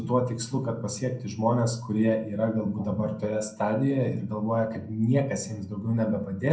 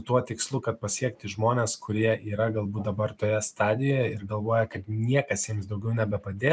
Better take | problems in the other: second | room echo; dies away in 0.5 s

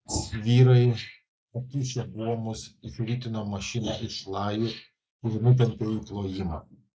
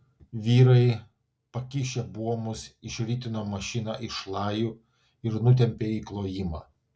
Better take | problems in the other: second | noise reduction (neural mask model Resemble Enhance denoiser)

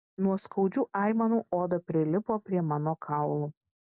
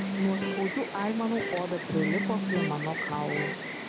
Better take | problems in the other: first | background sound (Electric guitar + Insect); 1 dB below the speech

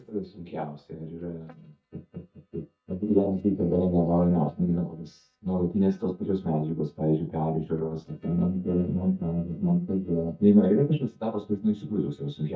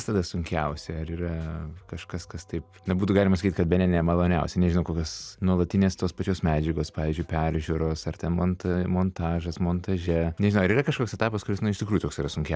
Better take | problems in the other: second | noise reduction (neural mask model DeepFilterNet 3)

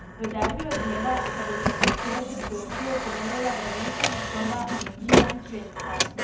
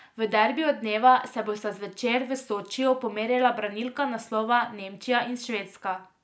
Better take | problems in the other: second | background sound (Printer); 5 dB above the speech // room echo; dies away in 0.6 s

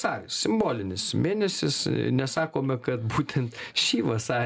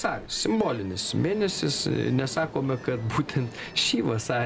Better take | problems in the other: first | background sound (Ocean); 16 dB below the speech

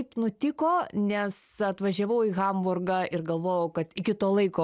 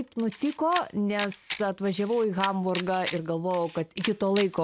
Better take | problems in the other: first | background sound (Camera); 13 dB below the speech

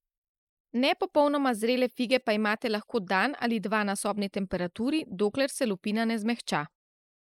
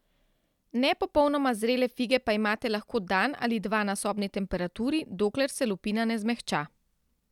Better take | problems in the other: second | noise reduction (neural mask model Resemble Enhance denoiser)

